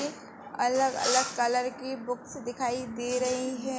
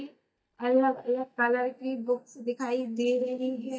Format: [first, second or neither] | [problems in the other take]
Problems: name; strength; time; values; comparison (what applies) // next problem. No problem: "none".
first | noise reduction (neural mask model DeepFilterNet 3)